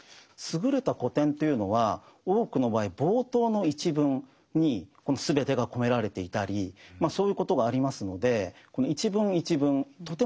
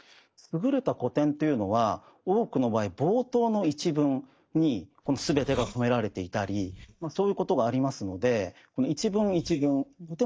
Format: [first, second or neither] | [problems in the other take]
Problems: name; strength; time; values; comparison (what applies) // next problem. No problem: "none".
first | noise reduction (neural mask model DeepFilterNet 3)